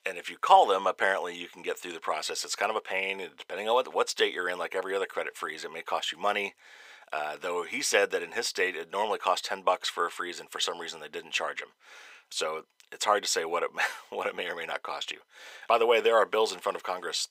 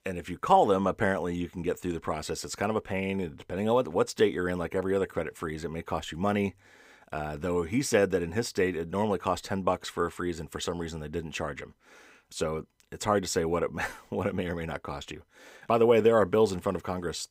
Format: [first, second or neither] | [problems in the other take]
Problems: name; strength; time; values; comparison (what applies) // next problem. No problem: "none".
second | thin; very; fading below 700 Hz